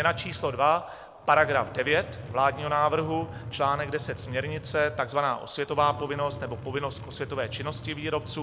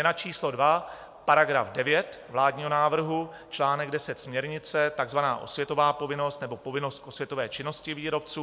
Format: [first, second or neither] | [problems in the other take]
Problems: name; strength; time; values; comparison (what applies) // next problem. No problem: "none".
second | background sound (Truck); 12 dB below the speech